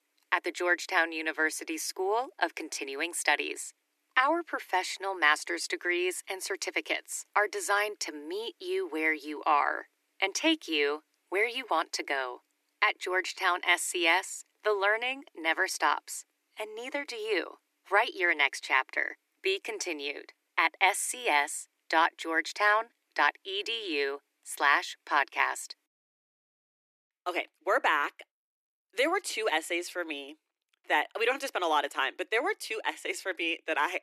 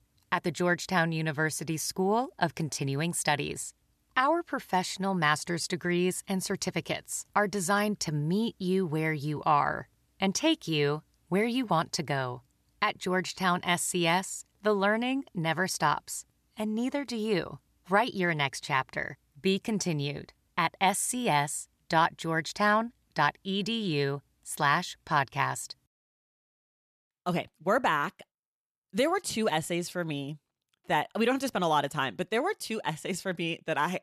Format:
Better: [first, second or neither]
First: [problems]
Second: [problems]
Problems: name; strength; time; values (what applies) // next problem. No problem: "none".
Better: second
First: thin; very; fading below 300 Hz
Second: none